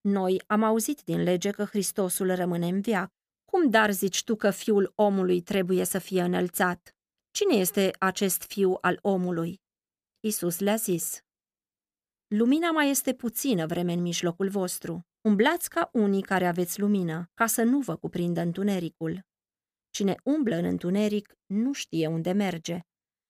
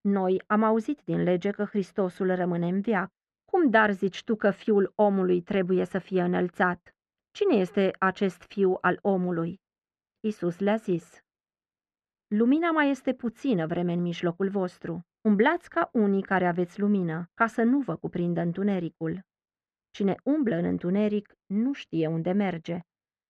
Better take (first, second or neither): first